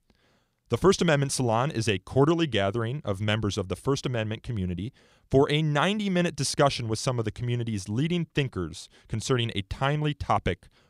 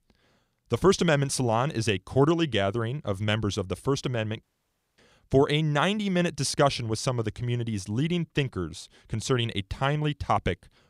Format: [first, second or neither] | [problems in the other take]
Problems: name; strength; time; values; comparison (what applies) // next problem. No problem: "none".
first | audio cutting out; at 4.5 s for 0.5 s